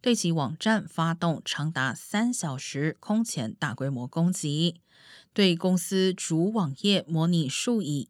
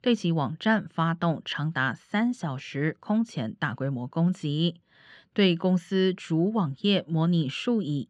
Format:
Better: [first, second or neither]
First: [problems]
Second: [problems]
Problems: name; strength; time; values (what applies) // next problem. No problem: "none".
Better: first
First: none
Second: muffled; slightly; fading above 2.5 kHz